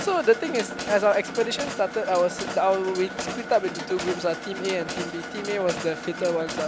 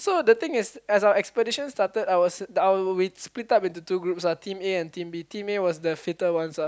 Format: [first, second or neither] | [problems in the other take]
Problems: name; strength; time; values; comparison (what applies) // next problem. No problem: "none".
second | background sound (Mechanisms); 8 dB below the speech